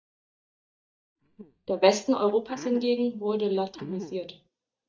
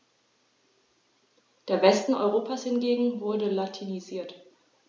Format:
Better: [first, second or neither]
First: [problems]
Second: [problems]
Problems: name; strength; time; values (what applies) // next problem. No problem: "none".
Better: second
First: noise reduction (neural mask model DeepFilterNet 3)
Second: none